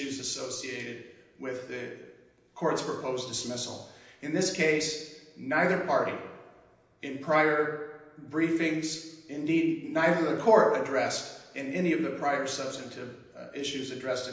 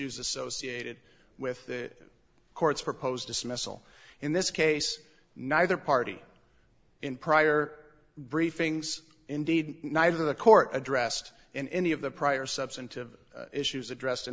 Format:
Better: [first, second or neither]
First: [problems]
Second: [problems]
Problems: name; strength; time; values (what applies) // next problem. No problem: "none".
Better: second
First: room echo; dies away in 0.9 s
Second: none